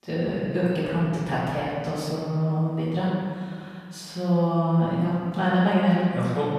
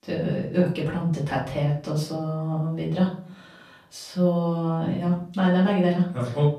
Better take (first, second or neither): second